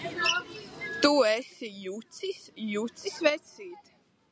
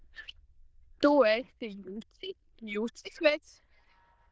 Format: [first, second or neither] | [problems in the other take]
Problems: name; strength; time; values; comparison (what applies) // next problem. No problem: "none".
first | noise reduction (neural diffusion model UNIVERSE++)